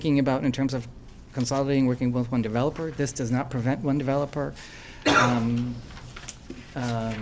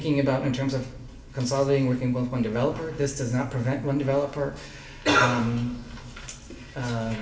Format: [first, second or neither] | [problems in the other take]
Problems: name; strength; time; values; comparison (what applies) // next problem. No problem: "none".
first | room echo; dies away in 1 s